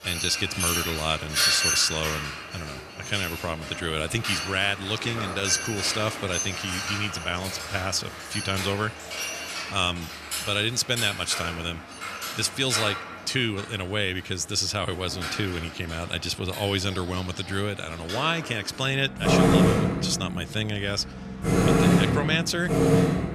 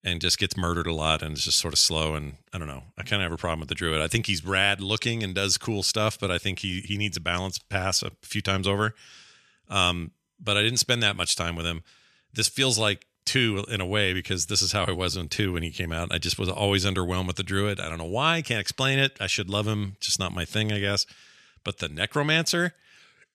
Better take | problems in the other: second | machinery noise; very loud; throughout; as loud as the speech

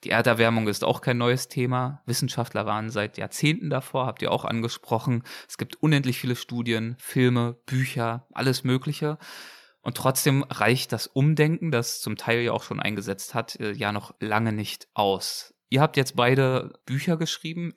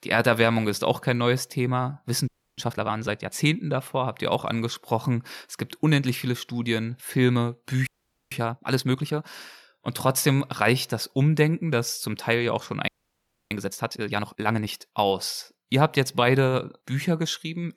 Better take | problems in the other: first | audio freezing; at 2.5 s, at 8 s and at 13 s for 0.5 s

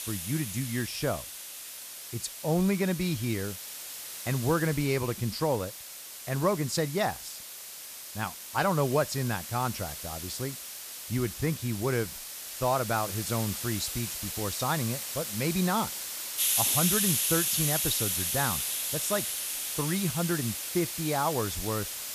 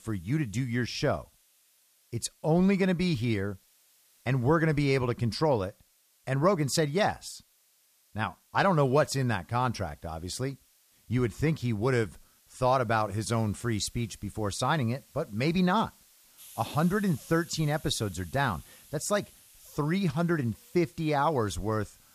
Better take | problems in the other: second | hiss; loud; throughout; 1 dB below the speech; faint in the second

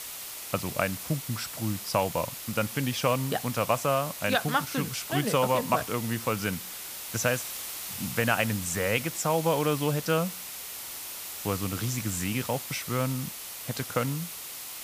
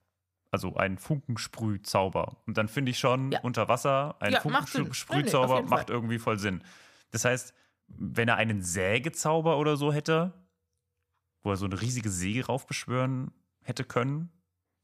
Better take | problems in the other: second | hiss; loud; throughout; 7 dB below the speech

